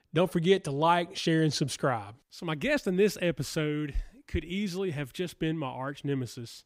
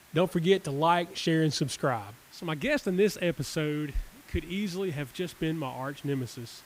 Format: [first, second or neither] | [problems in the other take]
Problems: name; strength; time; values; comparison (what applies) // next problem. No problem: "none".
first | hiss; faint; throughout; 25 dB below the speech